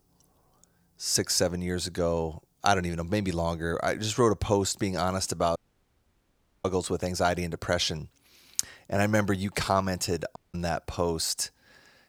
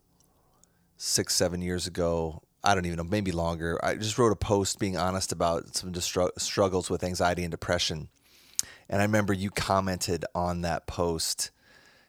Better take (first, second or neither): second